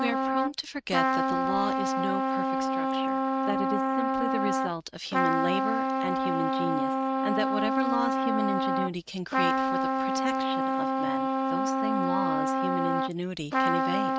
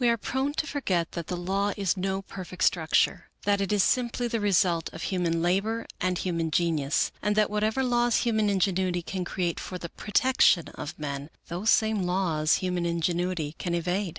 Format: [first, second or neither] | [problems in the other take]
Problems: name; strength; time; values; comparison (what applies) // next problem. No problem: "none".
second | noise reduction (neural mask model RNNoise)